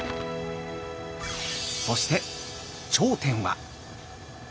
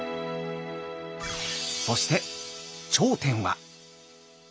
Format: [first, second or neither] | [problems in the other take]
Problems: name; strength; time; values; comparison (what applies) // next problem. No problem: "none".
second | background sound (Tick / Hiss / Explosion / Fire); 12 dB below the speech